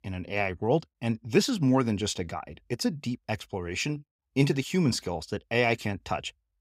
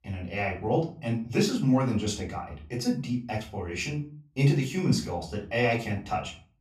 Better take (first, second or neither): first